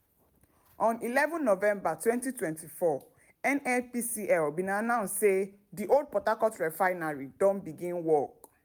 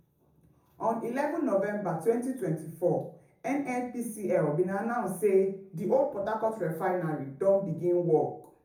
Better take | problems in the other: first | room echo; dies away in 0.6 s

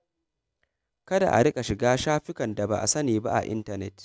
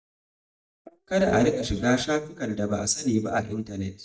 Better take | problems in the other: first | noise reduction (neural mask model DeepFilterNet 3)

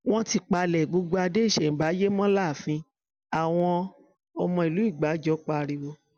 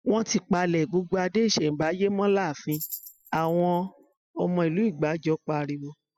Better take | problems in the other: first | noise reduction (classical method spectral subtraction)

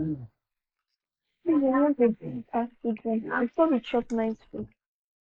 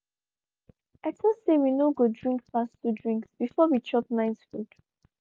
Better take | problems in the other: second | noise reduction (neural mask model Resemble Enhance denoiser)

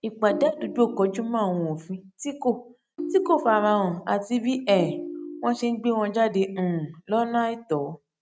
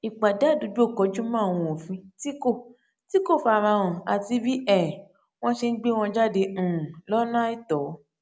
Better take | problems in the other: second | noise reduction (neural mask model RNNoise)

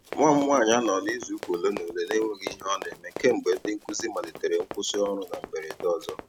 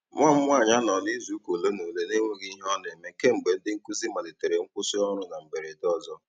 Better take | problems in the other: second | background sound (Run); 14 dB below the speech

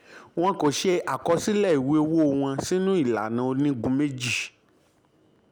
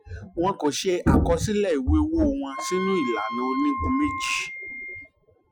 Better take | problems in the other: first | noise reduction (classical method Wiener filter)

